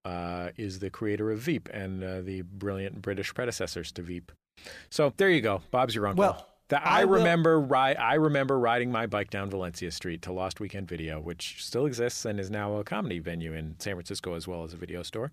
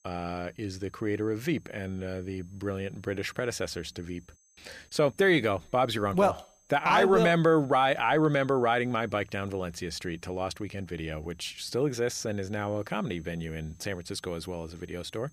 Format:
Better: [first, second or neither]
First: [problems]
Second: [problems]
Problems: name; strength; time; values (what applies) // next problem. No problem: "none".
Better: first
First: none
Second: high-pitched whine; faint; throughout; 6.5 kHz, 35 dB below the speech